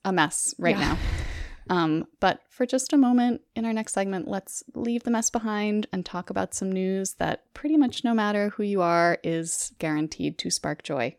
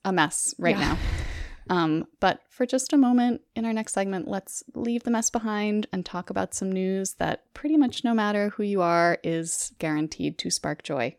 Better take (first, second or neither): neither